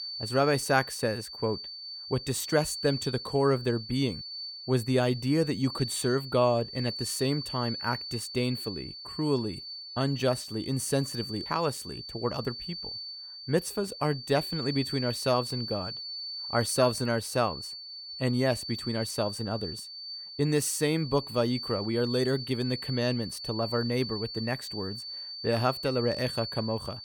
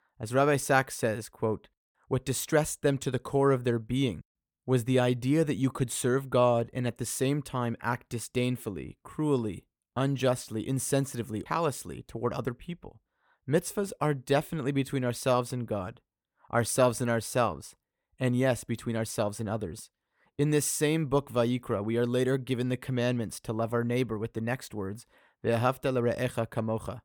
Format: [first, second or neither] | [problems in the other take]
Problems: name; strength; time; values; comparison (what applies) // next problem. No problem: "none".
second | high-pitched whine; loud; throughout; 4.5 kHz, 7 dB below the speech